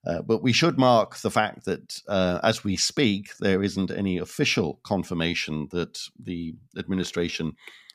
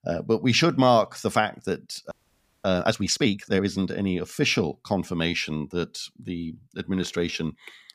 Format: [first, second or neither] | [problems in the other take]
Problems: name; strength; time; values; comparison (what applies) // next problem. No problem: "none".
first | audio freezing; at 2 s for 0.5 s